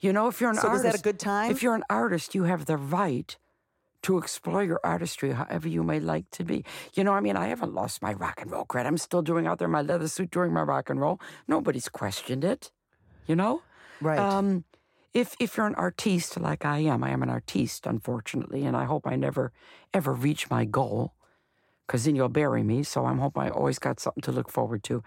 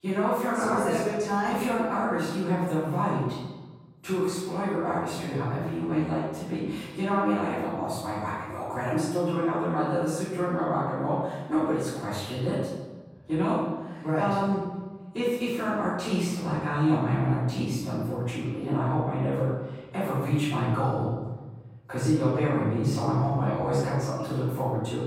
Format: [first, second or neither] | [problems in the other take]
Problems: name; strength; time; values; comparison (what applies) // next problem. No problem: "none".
first | room echo; strong; dies away in 1.2 s // off-mic speech; far